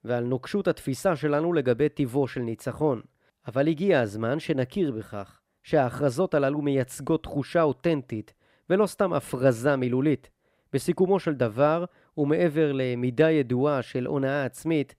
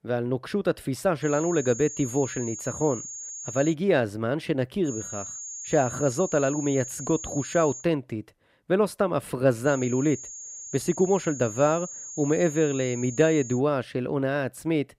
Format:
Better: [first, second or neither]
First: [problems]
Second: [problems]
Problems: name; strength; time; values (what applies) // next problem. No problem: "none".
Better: first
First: none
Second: high-pitched whine; loud; from 1 to 3.5 s, from 5 to 8 s and from 9.5 to 14 s; 6.5 kHz, 10 dB below the speech